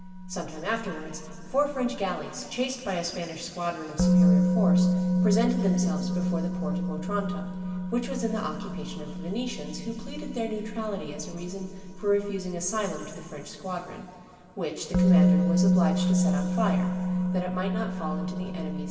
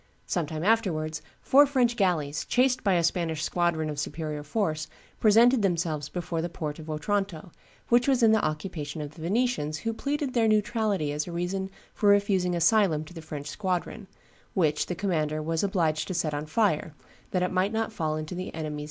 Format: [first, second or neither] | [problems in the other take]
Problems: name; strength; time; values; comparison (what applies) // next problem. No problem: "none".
second | background sound (Musical instrument); 4 dB above the speech // room echo; dies away in 2.6 s